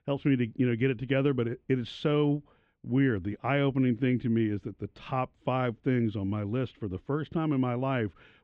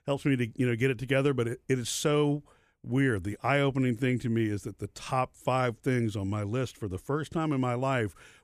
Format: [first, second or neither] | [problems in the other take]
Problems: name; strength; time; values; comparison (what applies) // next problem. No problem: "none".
second | muffled; very; fading above 3.5 kHz